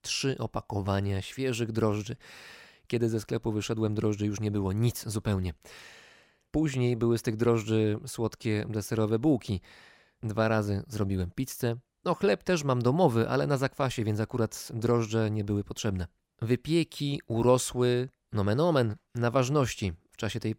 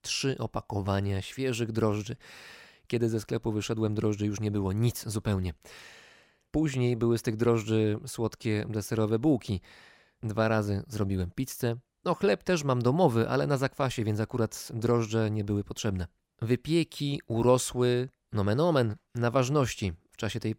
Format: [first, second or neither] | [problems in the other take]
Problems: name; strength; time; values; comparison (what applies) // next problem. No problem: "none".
neither | none